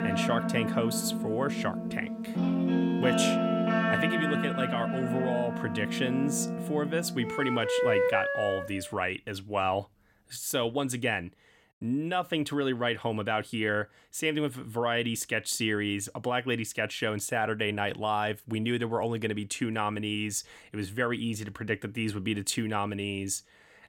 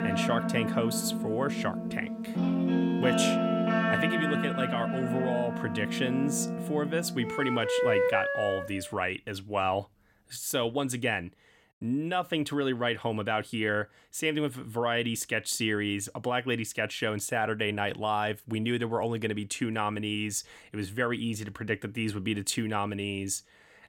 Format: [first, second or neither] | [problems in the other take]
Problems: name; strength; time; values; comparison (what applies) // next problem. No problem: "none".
neither | background music; very loud; until 8.5 s; 1 dB above the speech; the same in both